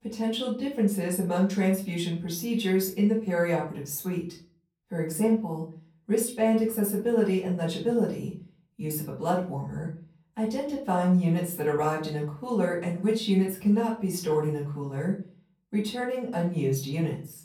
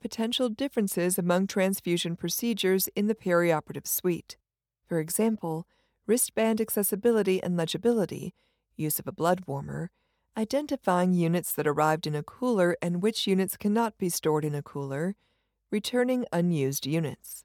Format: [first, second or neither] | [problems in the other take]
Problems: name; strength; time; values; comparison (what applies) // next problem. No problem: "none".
second | off-mic speech; far // room echo; slight; dies away in 0.4 s